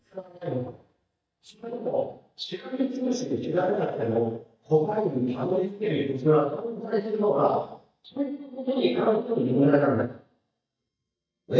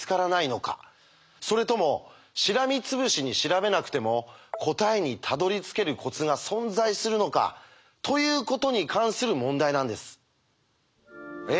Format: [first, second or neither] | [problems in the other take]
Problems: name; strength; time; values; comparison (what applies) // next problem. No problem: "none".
second | noise reduction (neural mask model DeepFilterNet 3)